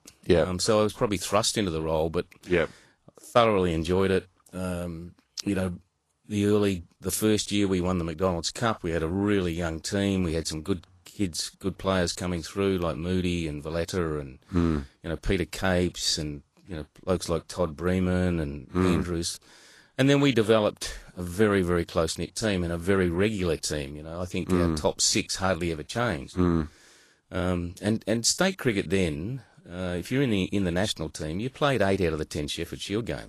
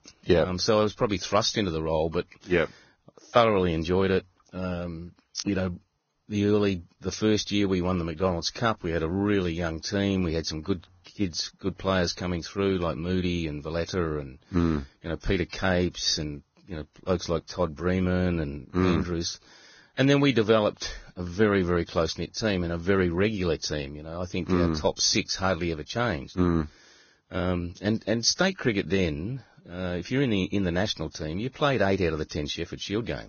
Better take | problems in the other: first | garbled, watery; badly; nothing above 6.5 kHz; slightly in the first

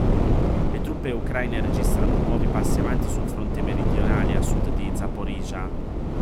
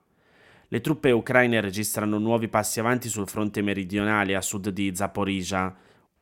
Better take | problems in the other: second | wind noise on the microphone; heavy; 3 dB above the speech

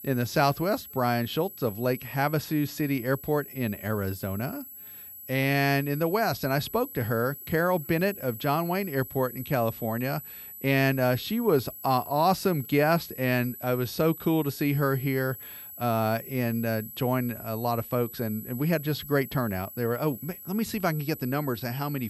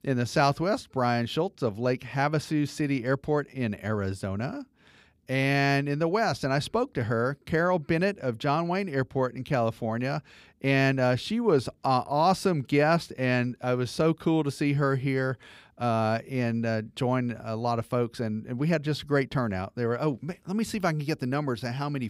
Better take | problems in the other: second | high-pitched whine; noticeable; throughout; 11.5 kHz, 15 dB below the speech

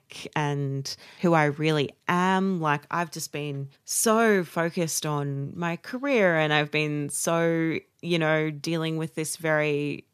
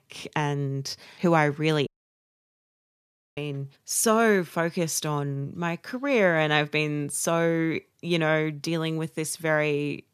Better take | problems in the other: first | audio cutting out; at 2 s for 1.5 s

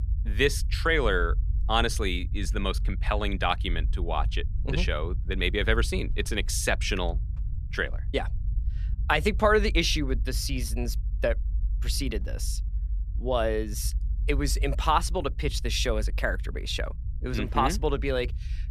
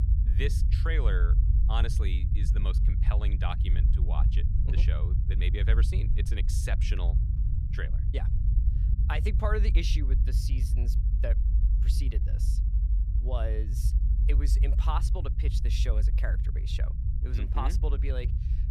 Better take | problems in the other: first | low rumble; loud; throughout; 7 dB below the speech; faint in the first

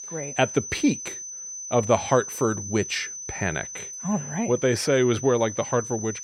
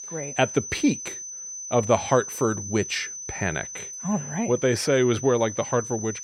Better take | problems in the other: neither | high-pitched whine; loud; throughout; 6 kHz, 9 dB below the speech; the same in both

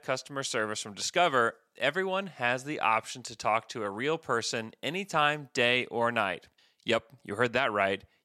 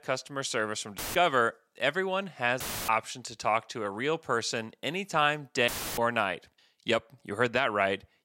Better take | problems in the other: first | audio cutting out; filled with static; at 1 s, at 2.5 s and at 5.5 s

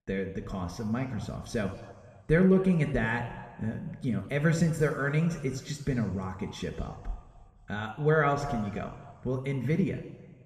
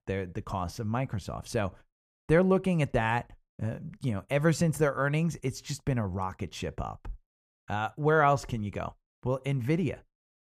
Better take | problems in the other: second | room echo; slight; dies away in 1.4 s // off-mic speech; somewhat distant

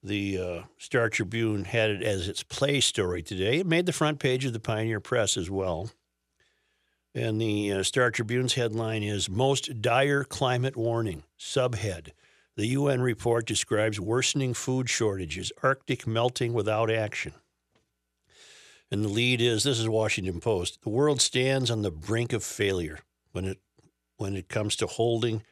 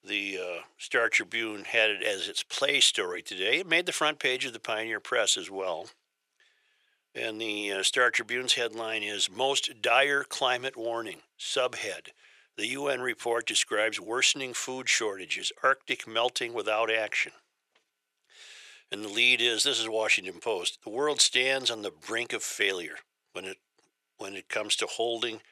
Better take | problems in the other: first | thin; very; fading below 500 Hz

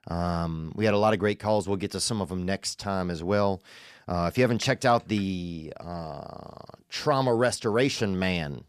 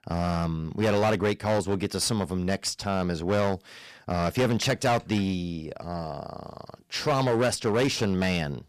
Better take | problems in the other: first | distortion; slight; 11% of the sound clipped

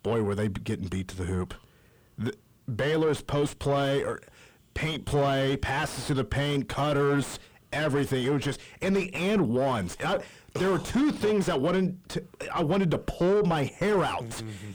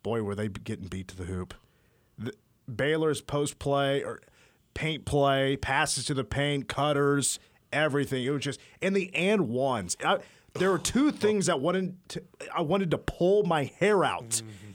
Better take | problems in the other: second | distortion; heavy; 5 dB below the speech

